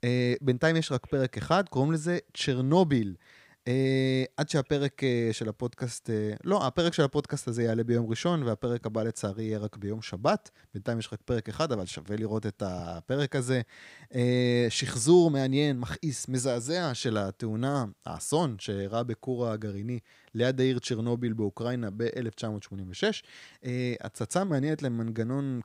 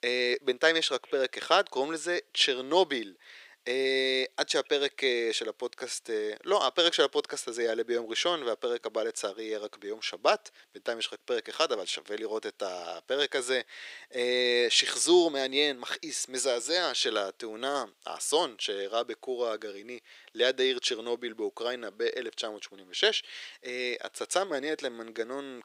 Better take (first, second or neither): first